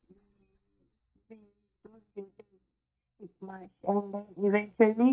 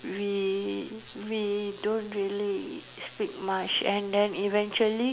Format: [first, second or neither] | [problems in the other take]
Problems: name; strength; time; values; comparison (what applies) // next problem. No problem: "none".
second | noise reduction (neural mask model DeepFilterNet 3)